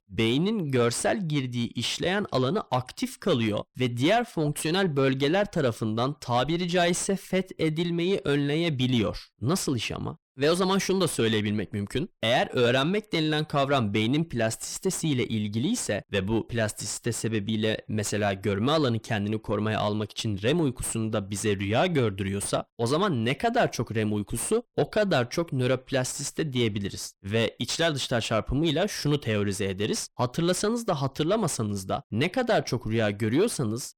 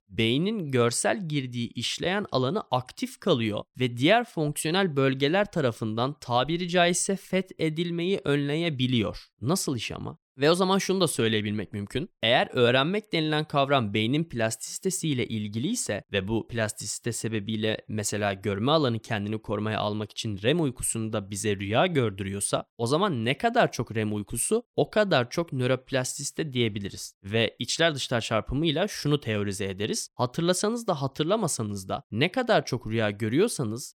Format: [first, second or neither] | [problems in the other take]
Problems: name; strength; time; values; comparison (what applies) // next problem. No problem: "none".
second | distortion; slight; 10 dB below the speech